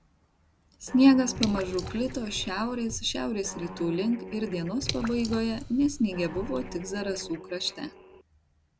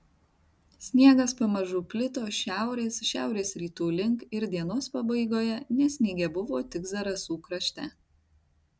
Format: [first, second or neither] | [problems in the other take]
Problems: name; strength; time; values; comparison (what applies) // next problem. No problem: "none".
second | background sound (Guitar + Drip / Water); 11 dB below the speech